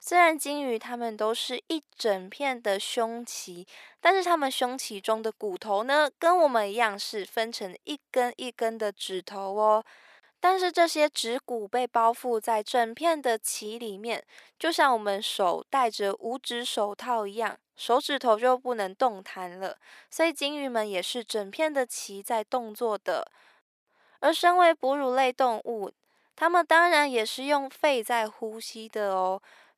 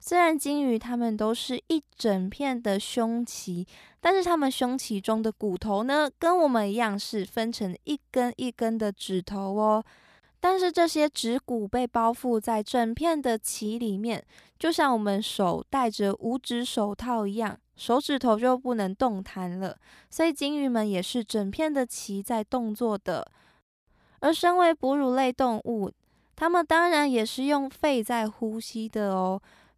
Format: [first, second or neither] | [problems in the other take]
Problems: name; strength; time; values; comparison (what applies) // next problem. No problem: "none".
second | thin; somewhat; fading below 500 Hz